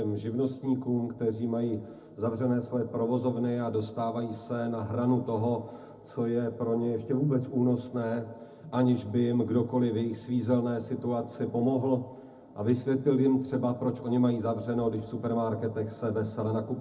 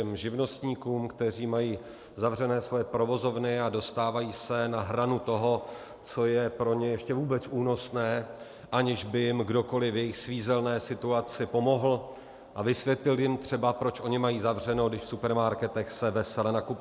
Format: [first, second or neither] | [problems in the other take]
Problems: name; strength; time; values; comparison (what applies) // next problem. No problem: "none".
second | room echo; dies away in 0.4 s